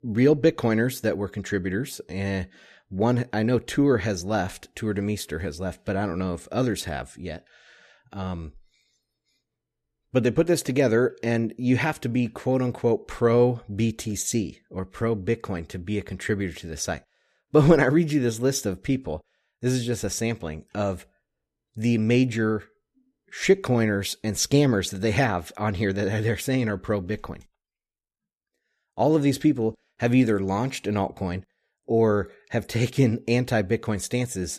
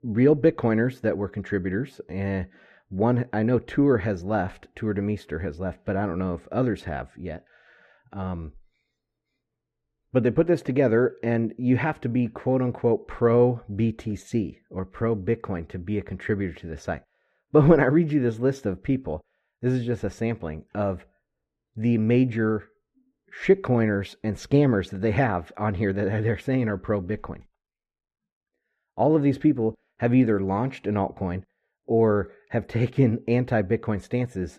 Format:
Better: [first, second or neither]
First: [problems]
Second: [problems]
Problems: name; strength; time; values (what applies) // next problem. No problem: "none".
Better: first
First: none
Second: muffled; very; fading above 3.5 kHz